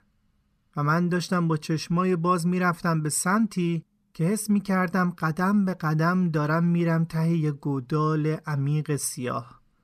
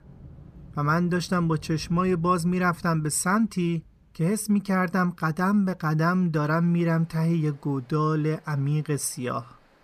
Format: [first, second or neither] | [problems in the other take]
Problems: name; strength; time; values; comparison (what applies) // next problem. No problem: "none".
first | rain or running water; faint; throughout; 25 dB below the speech